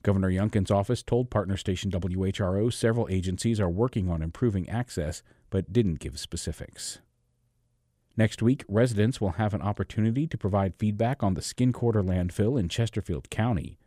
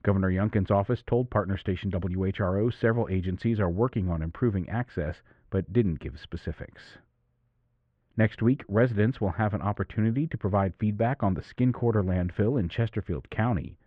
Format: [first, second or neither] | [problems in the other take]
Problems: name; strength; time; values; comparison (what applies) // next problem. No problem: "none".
first | muffled; very; fading above 2.5 kHz